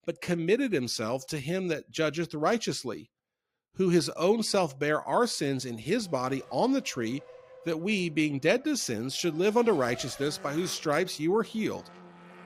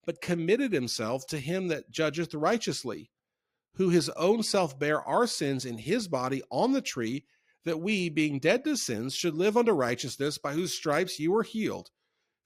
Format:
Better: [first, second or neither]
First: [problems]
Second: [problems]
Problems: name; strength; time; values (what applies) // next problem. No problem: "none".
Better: second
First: traffic noise; faint; from 6 s on; 20 dB below the speech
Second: none